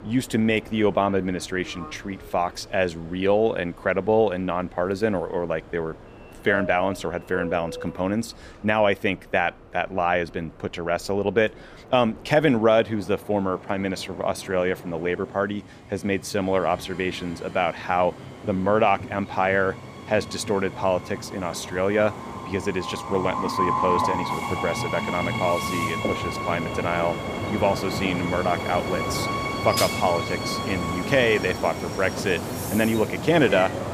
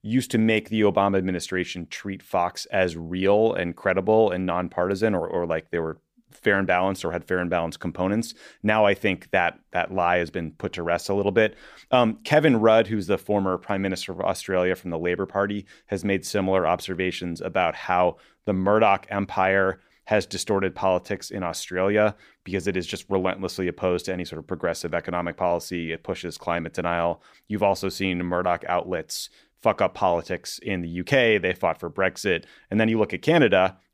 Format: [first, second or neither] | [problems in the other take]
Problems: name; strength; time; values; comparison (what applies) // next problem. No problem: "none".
second | train or aircraft noise; loud; throughout; 5 dB below the speech